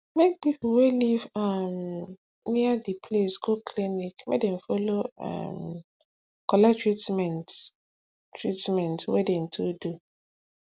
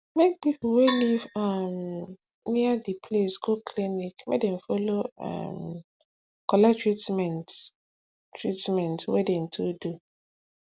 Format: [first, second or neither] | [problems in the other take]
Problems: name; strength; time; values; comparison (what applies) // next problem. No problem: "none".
first | background sound (Percussion); 11 dB below the speech